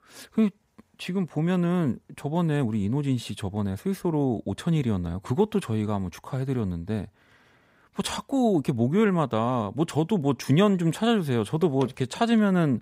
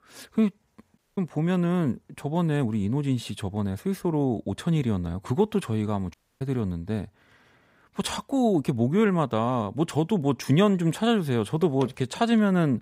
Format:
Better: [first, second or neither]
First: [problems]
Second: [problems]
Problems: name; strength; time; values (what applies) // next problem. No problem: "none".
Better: first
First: none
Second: audio cutting out; at 1 s and at 6 s